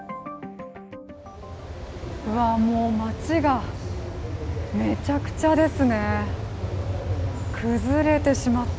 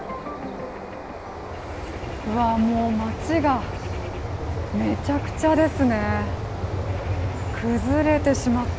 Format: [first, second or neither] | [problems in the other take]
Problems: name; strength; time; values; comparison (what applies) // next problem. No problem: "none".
first | background sound (Bird); 12 dB below the speech